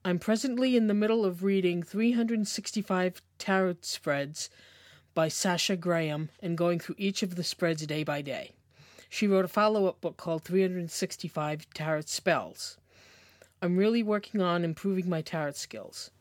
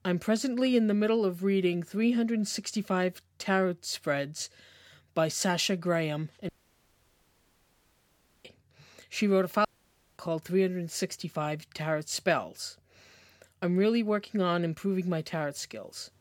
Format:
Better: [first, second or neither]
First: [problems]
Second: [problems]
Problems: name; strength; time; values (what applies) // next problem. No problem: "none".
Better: first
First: none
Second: audio cutting out; at 6.5 s for 2 s and at 9.5 s for 0.5 s